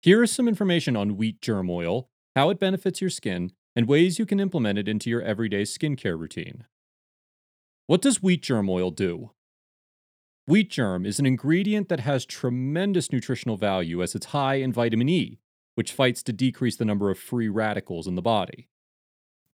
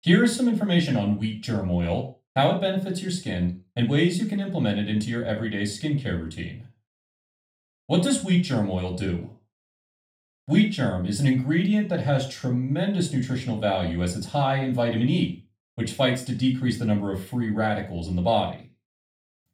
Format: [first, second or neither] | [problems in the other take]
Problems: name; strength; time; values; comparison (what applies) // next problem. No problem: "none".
first | room echo; slight; dies away in 0.3 s // off-mic speech; far